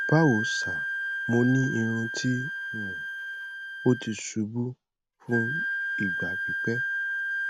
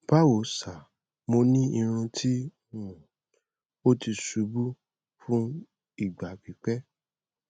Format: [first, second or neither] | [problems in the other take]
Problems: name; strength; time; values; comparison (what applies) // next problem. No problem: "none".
second | background sound (Wind instrument, woodwind instrument); 3 dB below the speech